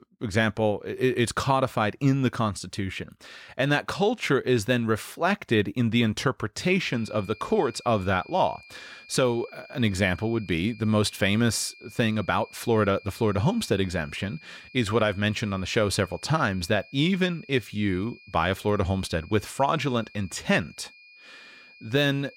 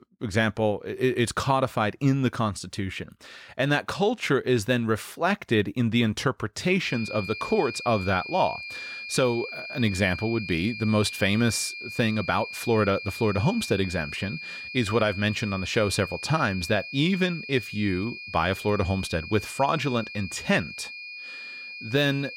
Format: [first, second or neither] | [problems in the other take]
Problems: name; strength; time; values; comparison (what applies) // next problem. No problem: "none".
first | high-pitched whine; loud; from 7 s on; 2.5 kHz, 10 dB below the speech; faint in the first